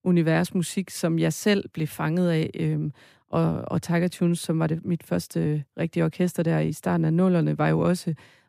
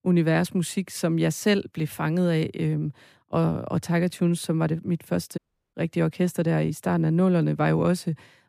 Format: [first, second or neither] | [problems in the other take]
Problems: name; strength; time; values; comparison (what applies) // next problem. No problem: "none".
first | audio cutting out; at 5.5 s